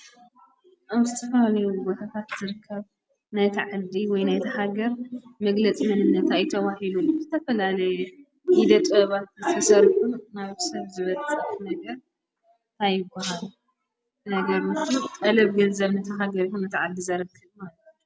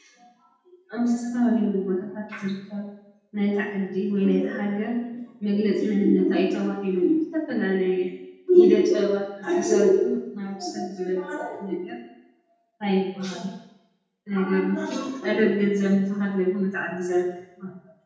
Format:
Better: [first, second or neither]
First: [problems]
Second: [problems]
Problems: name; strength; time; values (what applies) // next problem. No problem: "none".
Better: first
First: none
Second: room echo; dies away in 0.8 s